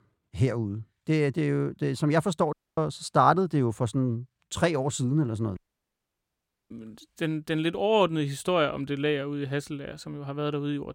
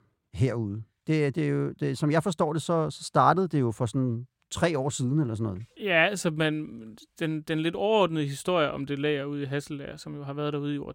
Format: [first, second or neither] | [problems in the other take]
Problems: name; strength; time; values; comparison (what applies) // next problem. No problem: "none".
second | audio cutting out; at 2.5 s and at 5.5 s for 1 s